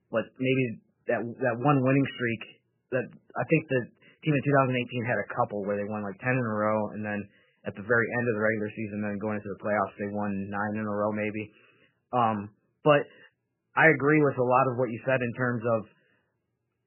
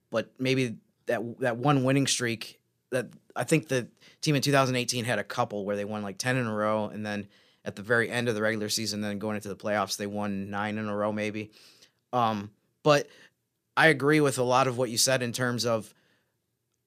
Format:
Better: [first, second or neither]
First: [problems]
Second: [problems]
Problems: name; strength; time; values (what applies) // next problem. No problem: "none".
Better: second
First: garbled, watery; badly; nothing above 3 kHz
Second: none